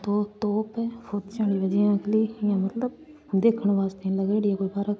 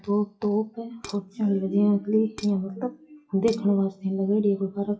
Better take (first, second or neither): first